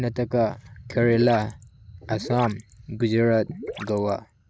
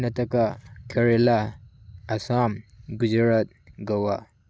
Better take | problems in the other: second | background sound (Gurgling / Liquid); 13 dB below the speech

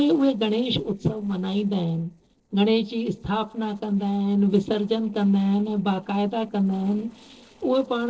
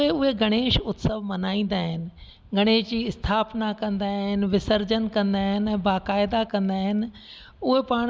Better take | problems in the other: second | noise reduction (neural separator model SepFormer DNS4)

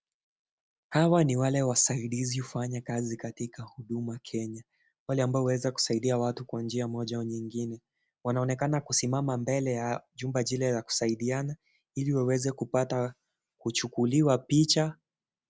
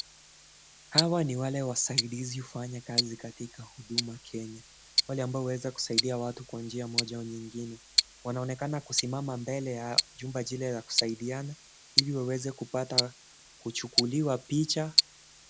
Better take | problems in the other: first | background sound (Tick-tock); as loud as the speech

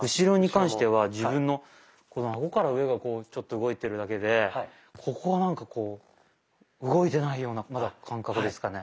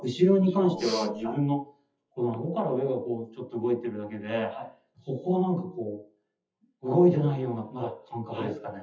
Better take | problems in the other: first | noise reduction (classical method WPE with log-MMSE)

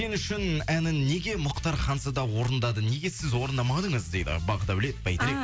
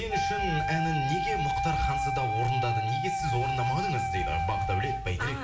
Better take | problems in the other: first | background sound (Wind instrument, woodwind instrument); as loud as the speech // room echo; dies away in 1.3 s

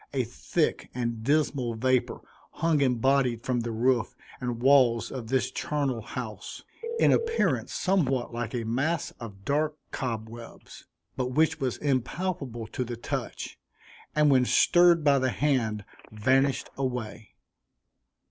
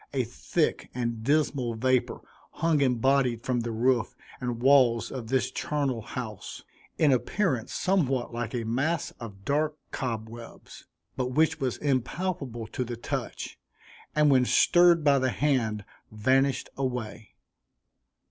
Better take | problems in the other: second | background sound (Telephone); 17 dB below the speech

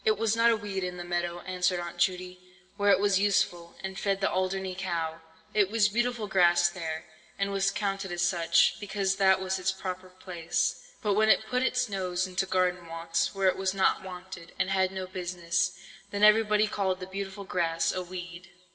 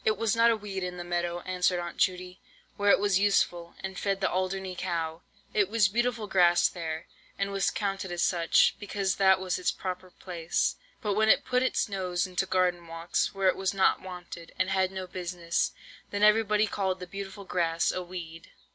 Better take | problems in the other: second | room echo; dies away in 1.2 s

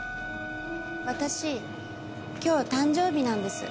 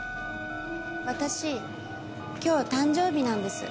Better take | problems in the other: first | background sound (Telephone); 17 dB below the speech

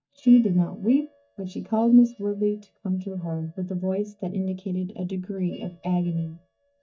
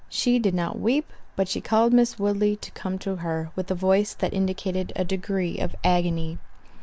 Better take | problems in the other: second | noise reduction (neural mask model DeepFilterNet 3)

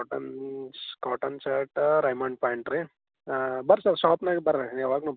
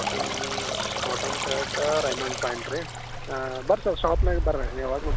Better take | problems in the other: first | background sound (Stream); as loud as the speech

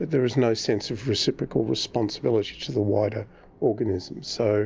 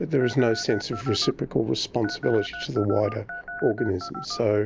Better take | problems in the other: first | background sound (Telephone); 12 dB below the speech

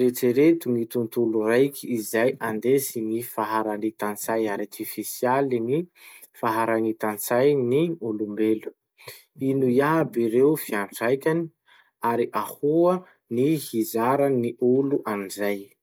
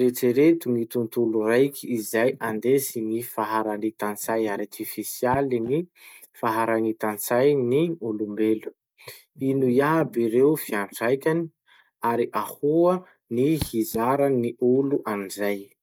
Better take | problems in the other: first | noise reduction (neural mask model DeepFilterNet 3)

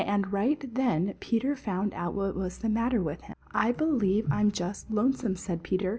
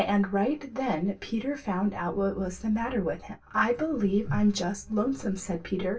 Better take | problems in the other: first | room echo; dies away in 0.1 s

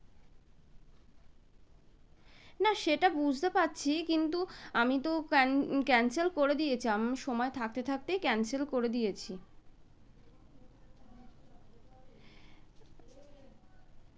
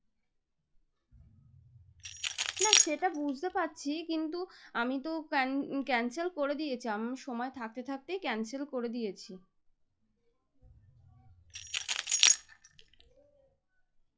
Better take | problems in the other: first | noise reduction (classical method log-MMSE)

